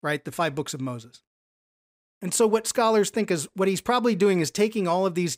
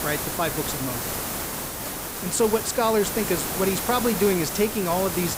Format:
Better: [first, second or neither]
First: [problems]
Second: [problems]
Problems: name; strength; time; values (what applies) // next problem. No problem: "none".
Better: first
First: none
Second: hiss; loud; throughout; 3 dB below the speech